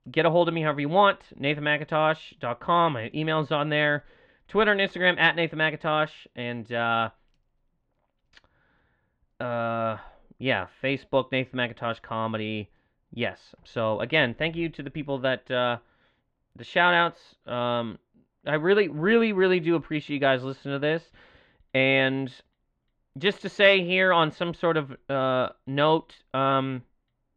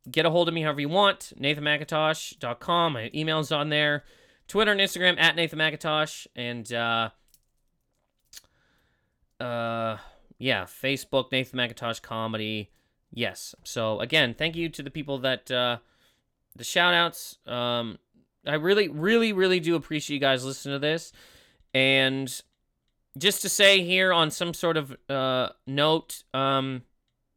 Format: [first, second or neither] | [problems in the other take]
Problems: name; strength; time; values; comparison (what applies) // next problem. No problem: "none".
second | muffled; very; fading above 2.5 kHz